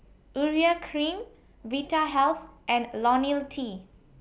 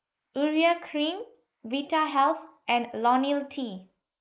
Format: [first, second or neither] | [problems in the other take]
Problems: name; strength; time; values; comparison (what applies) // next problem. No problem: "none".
first | noise reduction (neural mask model Resemble Enhance denoiser)